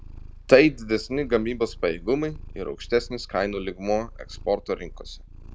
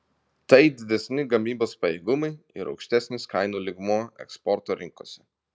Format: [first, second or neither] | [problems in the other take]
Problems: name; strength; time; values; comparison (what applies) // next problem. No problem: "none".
second | background sound (Purr); 15 dB below the speech